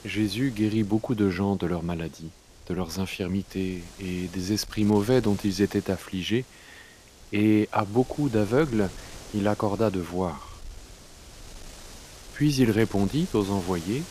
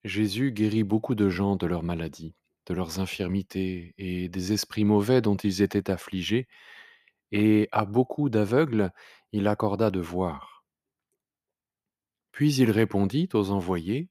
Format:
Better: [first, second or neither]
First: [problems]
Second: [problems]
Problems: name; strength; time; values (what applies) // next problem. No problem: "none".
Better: second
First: wind noise on the microphone; occasional gusts; 20 dB below the speech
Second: none